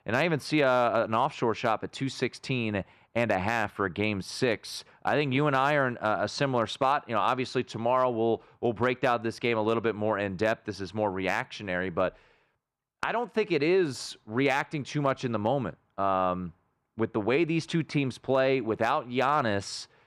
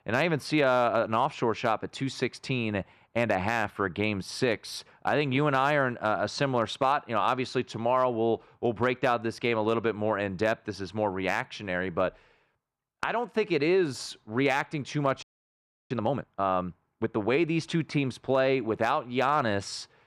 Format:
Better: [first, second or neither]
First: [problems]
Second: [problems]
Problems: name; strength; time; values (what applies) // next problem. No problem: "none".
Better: first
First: none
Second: audio freezing; at 15 s for 0.5 s